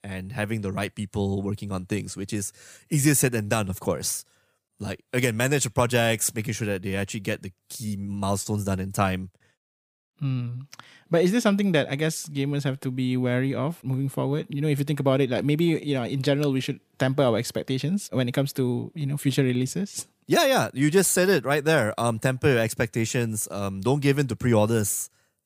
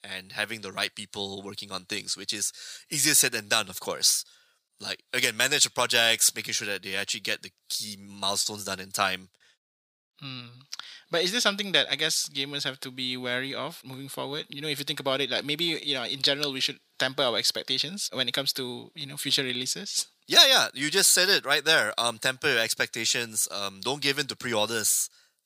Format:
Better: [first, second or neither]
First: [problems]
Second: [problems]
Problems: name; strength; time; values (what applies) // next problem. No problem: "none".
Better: first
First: none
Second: thin; somewhat; fading below 1 kHz